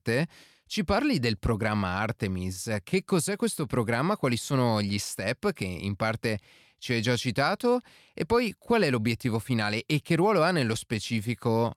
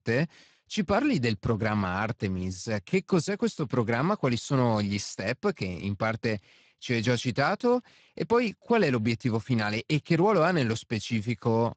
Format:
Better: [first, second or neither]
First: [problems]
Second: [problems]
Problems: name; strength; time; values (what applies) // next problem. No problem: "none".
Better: first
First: none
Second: garbled, watery; badly; nothing above 8 kHz